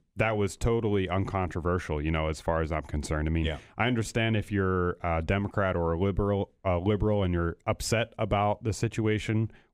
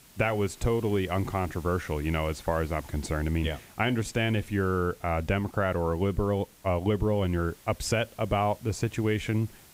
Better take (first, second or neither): first